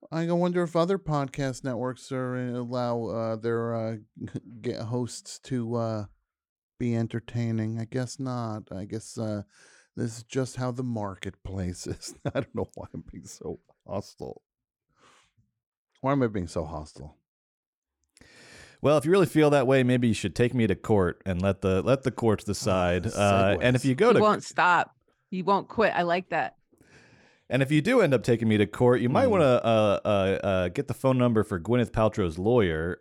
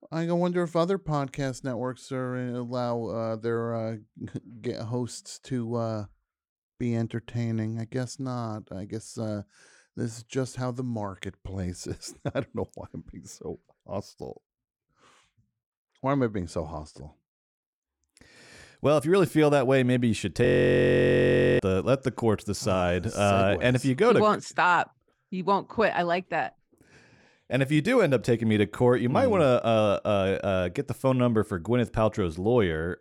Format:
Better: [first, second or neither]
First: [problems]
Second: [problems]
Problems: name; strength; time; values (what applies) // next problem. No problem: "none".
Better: first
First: none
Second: audio freezing; at 20 s for 1 s